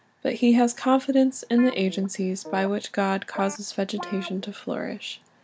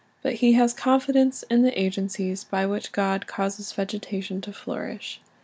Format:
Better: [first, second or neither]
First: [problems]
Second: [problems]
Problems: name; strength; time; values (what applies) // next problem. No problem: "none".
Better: second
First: background sound (Guitar); 17 dB below the speech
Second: none